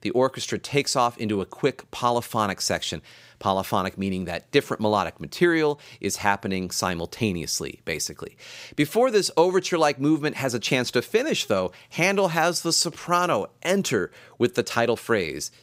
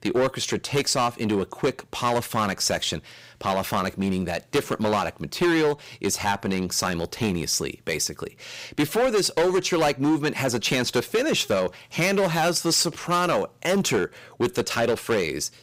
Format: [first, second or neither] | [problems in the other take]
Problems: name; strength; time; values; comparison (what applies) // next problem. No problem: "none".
first | distortion; heavy; 10% of the sound clipped